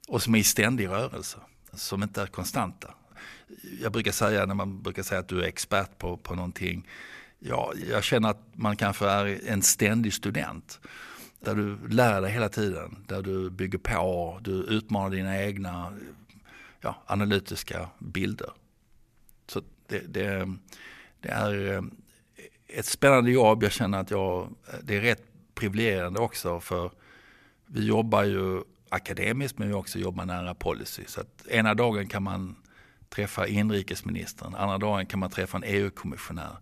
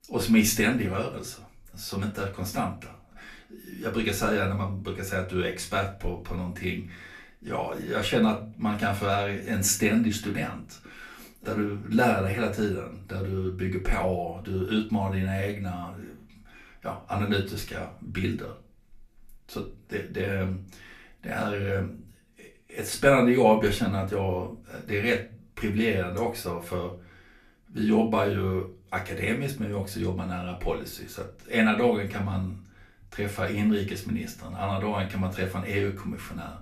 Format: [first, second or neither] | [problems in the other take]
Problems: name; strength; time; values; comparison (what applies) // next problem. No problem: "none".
first | off-mic speech; far // room echo; very slight; dies away in 0.3 s